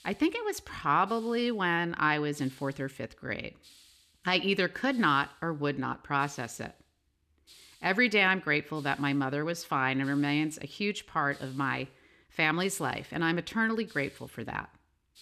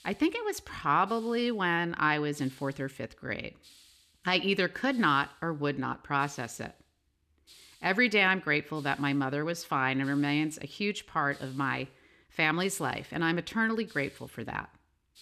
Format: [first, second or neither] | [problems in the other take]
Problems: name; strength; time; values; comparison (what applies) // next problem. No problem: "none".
neither | hiss; faint; throughout; 25 dB below the speech; the same in both